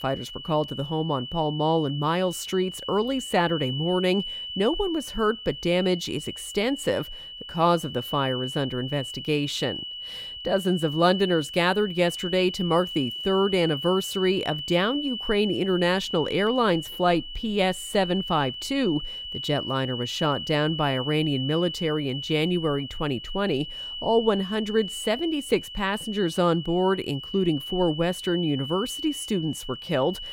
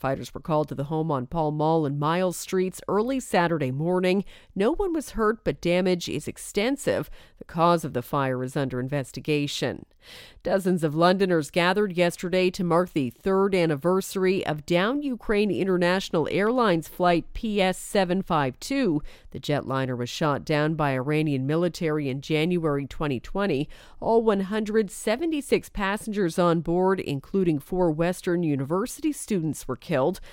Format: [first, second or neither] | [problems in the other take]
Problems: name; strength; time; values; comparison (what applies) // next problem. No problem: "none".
second | high-pitched whine; loud; throughout; 3 kHz, 8 dB below the speech